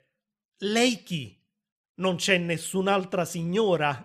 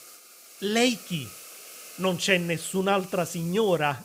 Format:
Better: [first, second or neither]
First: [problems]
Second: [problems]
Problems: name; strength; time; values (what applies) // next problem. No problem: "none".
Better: first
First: none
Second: hiss; noticeable; throughout; 15 dB below the speech